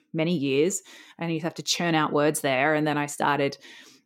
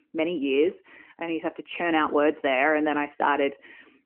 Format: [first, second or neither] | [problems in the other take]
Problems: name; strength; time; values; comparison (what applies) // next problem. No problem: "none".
first | phone-call audio; nothing above 3 kHz